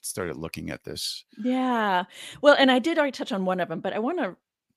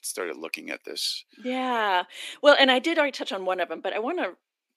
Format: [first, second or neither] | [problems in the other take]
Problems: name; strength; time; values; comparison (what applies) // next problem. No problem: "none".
first | thin; very slightly; fading below 300 Hz